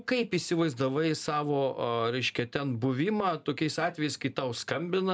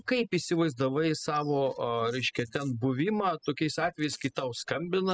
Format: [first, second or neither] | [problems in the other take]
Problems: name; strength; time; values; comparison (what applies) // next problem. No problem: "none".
first | noise reduction (classical method spectral subtraction)